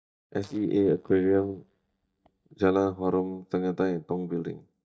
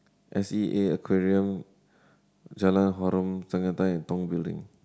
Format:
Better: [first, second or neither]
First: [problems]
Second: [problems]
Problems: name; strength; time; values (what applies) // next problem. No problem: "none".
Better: second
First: noise reduction (neural mask model DeepFilterNet 3)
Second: none